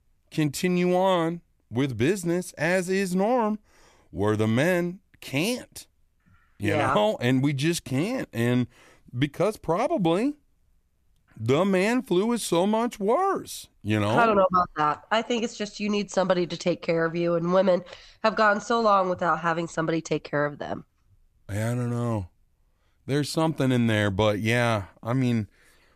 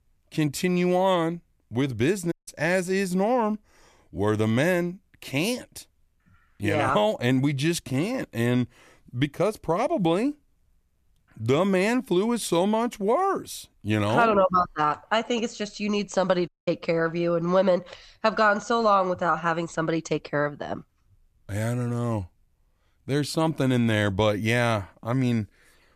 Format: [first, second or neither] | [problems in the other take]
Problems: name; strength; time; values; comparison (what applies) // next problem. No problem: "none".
first | audio cutting out; at 2.5 s and at 16 s